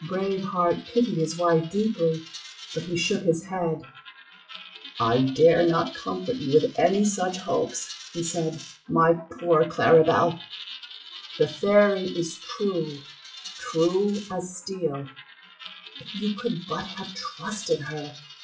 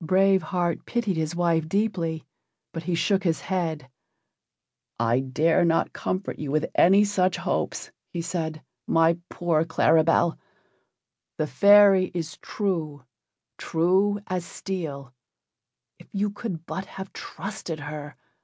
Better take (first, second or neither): second